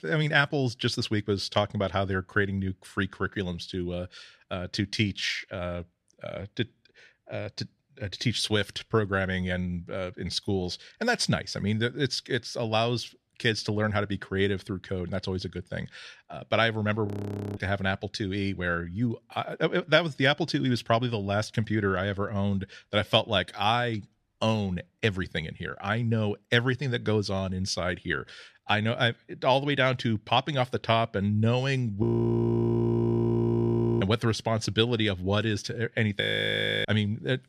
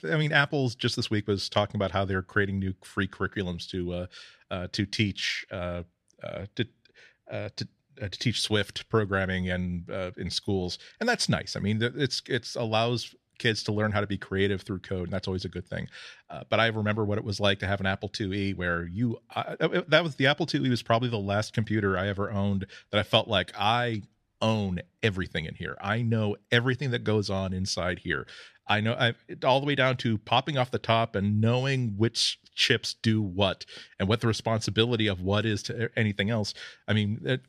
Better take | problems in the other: second | audio freezing; at 17 s for 0.5 s, at 32 s for 2 s and at 36 s for 0.5 s

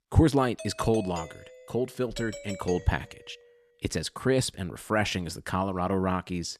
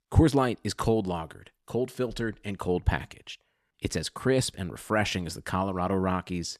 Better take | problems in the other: second | doorbell; faint; from 0.5 to 3.5 s; peak 10 dB below the speech

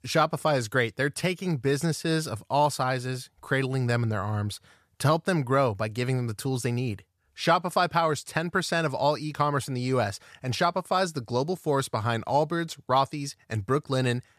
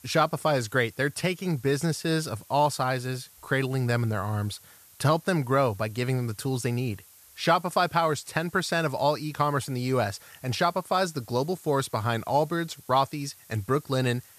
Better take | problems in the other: first | hiss; faint; throughout; 25 dB below the speech

